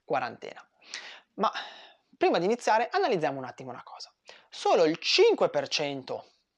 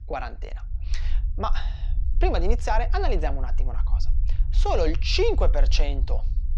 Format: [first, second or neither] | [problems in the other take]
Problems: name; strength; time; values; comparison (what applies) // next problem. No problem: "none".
first | low rumble; faint; throughout; 20 dB below the speech